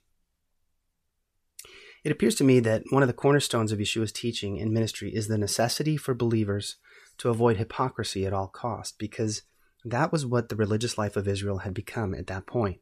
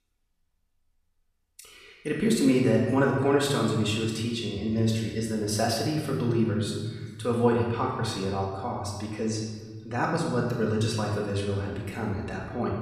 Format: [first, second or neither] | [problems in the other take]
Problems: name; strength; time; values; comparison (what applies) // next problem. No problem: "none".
first | room echo; noticeable; dies away in 1.4 s // off-mic speech; far